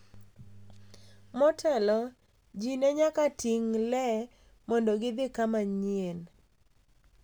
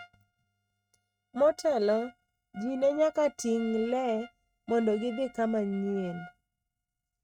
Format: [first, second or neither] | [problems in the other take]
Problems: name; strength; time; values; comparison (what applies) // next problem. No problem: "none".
first | noise reduction (neural mask model RNNoise)